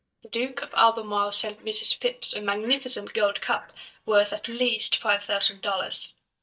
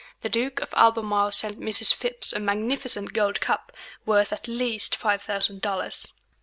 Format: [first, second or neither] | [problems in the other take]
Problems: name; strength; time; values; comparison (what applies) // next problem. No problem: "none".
second | noise reduction (neural mask model DeepFilterNet 3)